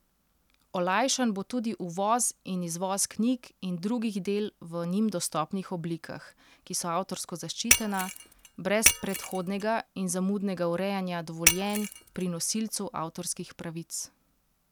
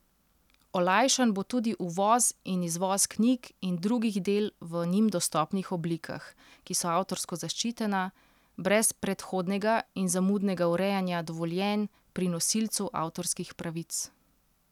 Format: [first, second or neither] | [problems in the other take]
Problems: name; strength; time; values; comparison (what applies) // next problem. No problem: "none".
second | background sound (Shatter); 2 dB above the speech